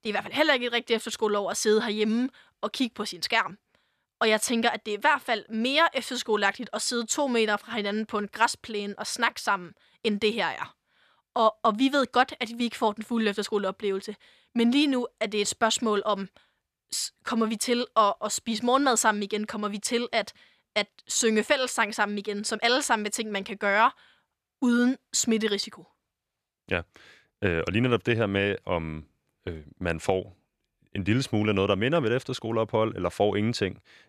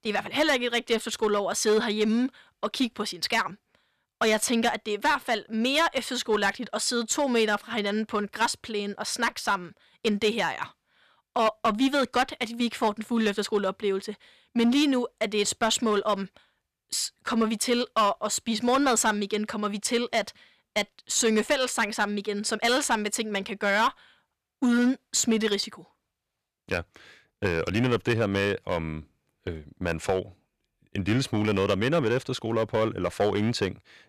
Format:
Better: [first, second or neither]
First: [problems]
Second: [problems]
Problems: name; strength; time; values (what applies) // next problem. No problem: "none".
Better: first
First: none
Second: distortion; slight; 4% of the sound clipped